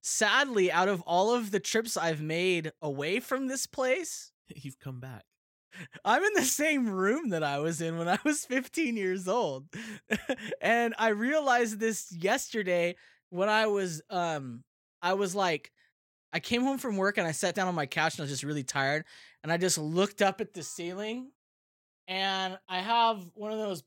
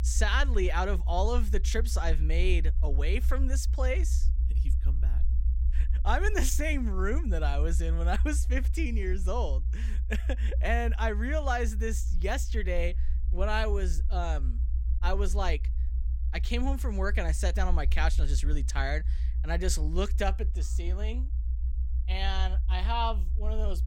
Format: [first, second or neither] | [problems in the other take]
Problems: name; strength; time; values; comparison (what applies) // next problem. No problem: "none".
first | low rumble; noticeable; throughout; 15 dB below the speech